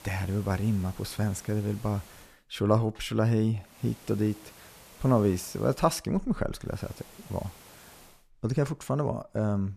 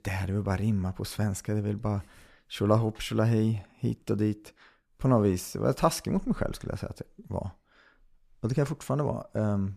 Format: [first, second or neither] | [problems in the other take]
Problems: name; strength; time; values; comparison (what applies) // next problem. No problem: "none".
second | hiss; faint; until 2.5 s, from 3.5 to 6 s and from 6.5 to 8 s; 20 dB below the speech